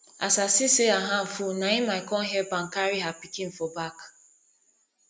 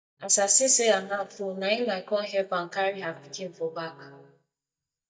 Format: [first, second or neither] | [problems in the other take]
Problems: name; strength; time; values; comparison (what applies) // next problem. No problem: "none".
first | noise reduction (neural mask model DeepFilterNet 3)